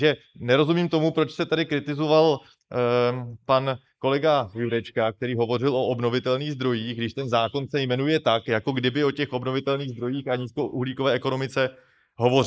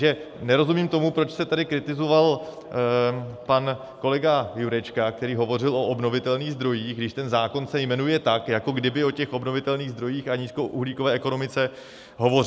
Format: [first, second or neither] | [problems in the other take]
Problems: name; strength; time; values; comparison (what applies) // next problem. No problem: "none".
second | noise reduction (neural mask model Resemble Enhance denoiser)